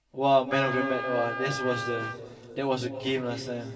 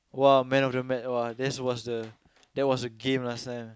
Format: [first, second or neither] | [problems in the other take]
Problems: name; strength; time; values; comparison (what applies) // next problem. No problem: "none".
second | background sound (Wind instrument, woodwind instrument); 6 dB below the speech // room echo; dies away in 3 s